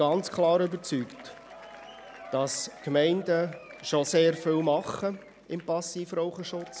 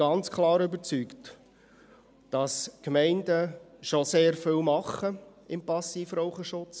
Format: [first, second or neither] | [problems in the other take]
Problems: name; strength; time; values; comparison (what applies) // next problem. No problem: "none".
second | background sound (Applause / Crowd / Cheering); 19 dB below the speech